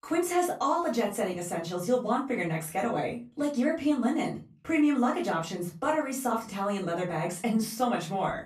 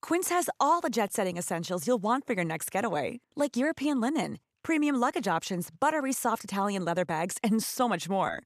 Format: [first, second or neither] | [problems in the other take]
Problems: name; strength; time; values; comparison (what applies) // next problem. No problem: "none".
second | off-mic speech; far // room echo; very slight; dies away in 0.3 s